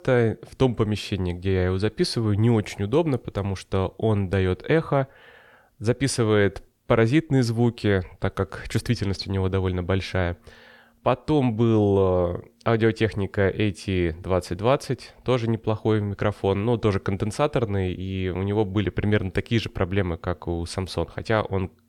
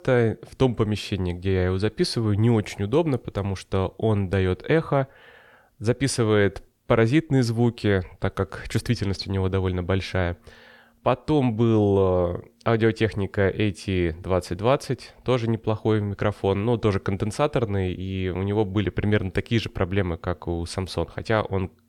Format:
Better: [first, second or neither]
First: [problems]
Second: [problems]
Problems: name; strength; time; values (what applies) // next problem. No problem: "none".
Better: neither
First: none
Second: none